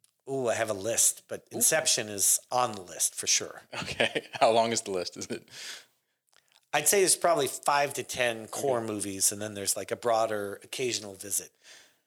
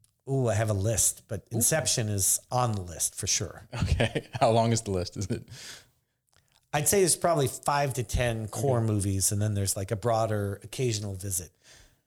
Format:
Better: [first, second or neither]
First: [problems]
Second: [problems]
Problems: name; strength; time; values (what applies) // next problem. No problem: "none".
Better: second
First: thin; somewhat; fading below 300 Hz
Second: none